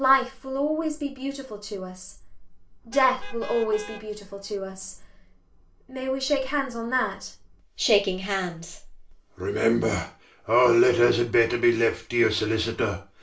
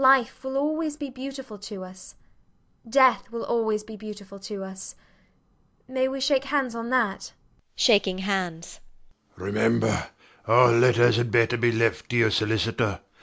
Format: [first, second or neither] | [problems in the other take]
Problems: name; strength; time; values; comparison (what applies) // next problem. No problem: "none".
second | background sound (Vehicle horn, car horn, honking); 18 dB below the speech // room echo; dies away in 0.3 s